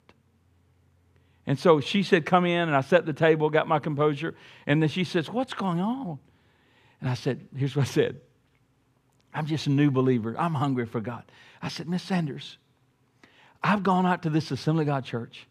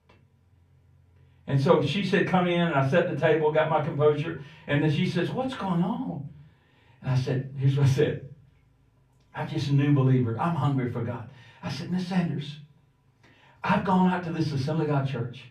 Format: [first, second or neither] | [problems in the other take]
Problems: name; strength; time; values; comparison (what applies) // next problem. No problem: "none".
first | off-mic speech; far // room echo; very slight; dies away in 0.3 s